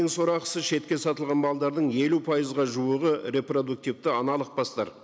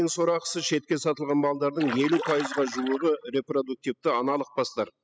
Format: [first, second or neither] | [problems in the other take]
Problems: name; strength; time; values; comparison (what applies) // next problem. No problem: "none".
first | noise reduction (classical method spectral subtraction)